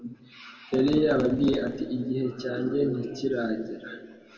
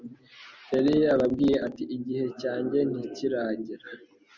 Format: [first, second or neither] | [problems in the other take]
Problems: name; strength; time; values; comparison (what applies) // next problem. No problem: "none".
second | room echo; dies away in 1.8 s